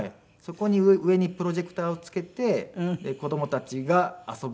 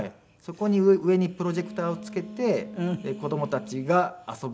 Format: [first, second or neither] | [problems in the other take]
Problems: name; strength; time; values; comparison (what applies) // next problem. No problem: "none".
first | background sound (Wind instrument, woodwind instrument); 15 dB below the speech